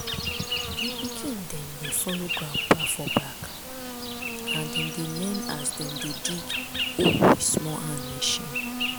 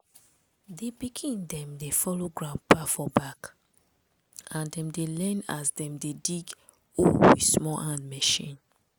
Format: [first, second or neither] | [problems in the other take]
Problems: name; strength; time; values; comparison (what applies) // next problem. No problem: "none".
second | background sound (Insect); 3 dB below the speech